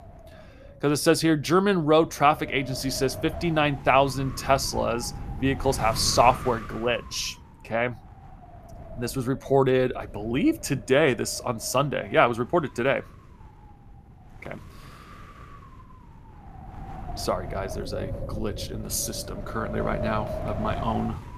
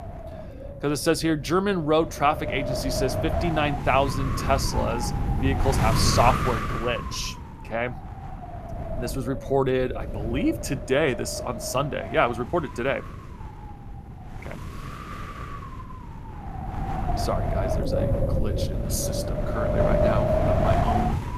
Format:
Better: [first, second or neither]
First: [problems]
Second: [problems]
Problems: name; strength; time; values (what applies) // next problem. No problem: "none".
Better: first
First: wind noise on the microphone; occasional gusts; 15 dB below the speech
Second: wind noise on the microphone; heavy; 4 dB below the speech